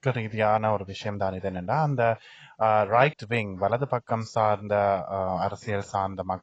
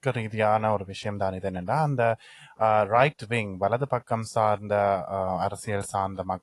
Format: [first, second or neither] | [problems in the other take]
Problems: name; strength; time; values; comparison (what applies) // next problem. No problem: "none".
second | garbled, watery; badly; nothing above 7.5 kHz; slightly in the second